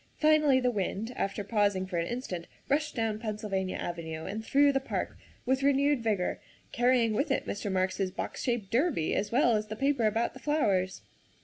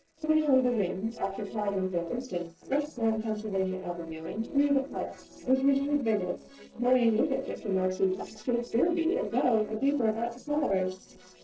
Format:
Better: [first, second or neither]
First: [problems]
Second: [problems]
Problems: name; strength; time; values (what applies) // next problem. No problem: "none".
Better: first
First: none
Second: noise reduction (neural separator model SepFormer DNS4)